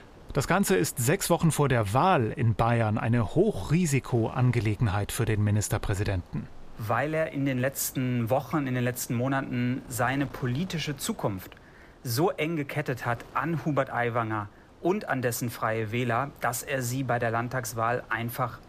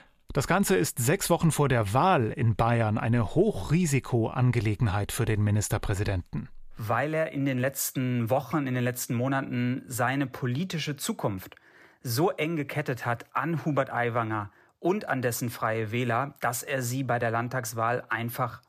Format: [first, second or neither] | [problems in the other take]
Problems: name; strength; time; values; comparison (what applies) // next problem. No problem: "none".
second | wind noise on the microphone; occasional gusts; 25 dB below the speech